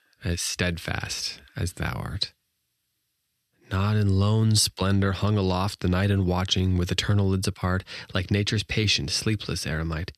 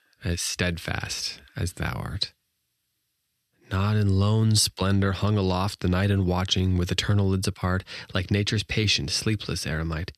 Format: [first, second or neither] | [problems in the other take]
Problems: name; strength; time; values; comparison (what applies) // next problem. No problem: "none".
neither | none